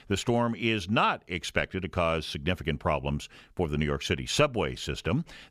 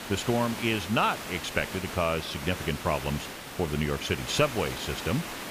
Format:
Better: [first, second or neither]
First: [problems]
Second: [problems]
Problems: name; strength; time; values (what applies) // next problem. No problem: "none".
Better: first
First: none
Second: hiss; loud; throughout; 8 dB below the speech